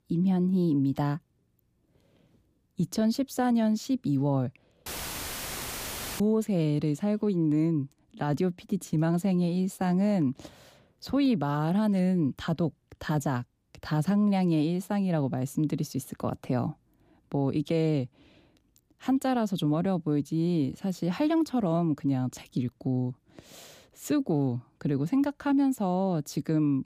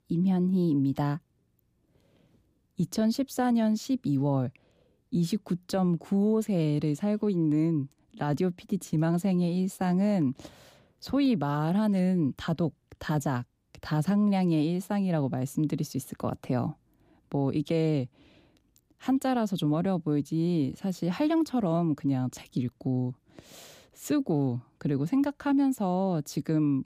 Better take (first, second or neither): second